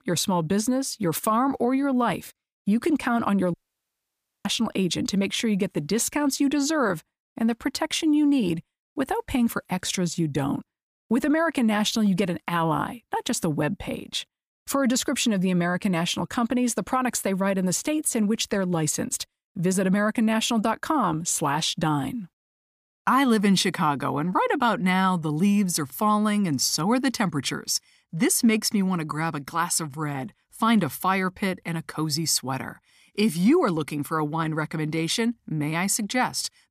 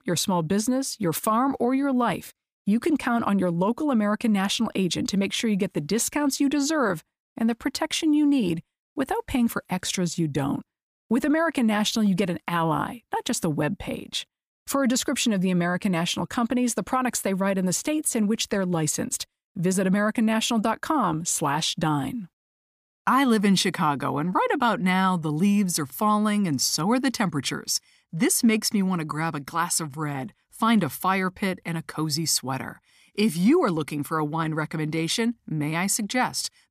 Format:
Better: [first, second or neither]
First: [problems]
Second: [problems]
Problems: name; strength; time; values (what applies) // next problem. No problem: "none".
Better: second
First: audio cutting out; at 3.5 s for 1 s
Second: none